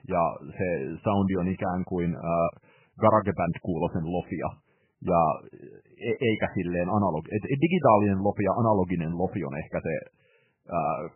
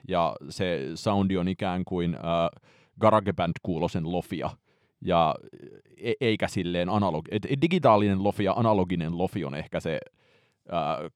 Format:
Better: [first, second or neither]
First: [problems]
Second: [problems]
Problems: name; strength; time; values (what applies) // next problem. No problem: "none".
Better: second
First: garbled, watery; badly; nothing above 3 kHz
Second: none